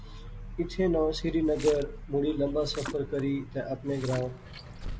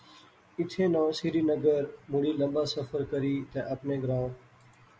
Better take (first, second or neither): second